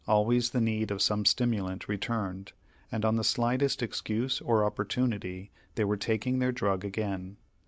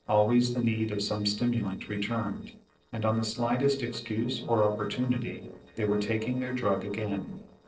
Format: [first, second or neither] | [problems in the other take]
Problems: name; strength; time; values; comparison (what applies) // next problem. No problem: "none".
first | noise reduction (neural separator model SepFormer DNS4)